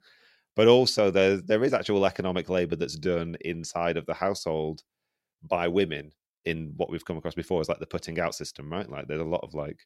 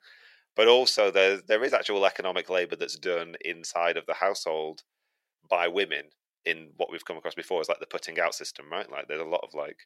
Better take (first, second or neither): first